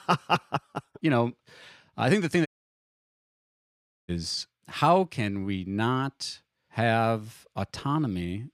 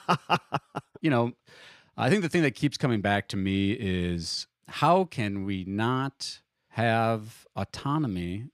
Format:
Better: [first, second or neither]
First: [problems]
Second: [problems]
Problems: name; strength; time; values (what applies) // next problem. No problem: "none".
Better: second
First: audio cutting out; at 2.5 s for 1.5 s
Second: none